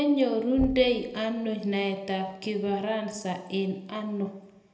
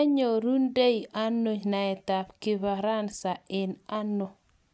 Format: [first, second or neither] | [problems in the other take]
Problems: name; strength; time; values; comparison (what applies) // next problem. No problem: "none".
second | background sound (Knock / Wood); 15 dB below the speech // room echo; dies away in 0.8 s